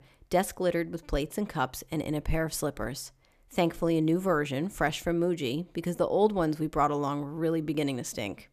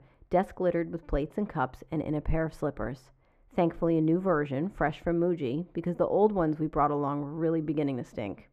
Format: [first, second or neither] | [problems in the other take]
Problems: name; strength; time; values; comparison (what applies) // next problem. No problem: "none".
first | muffled; very; fading above 3 kHz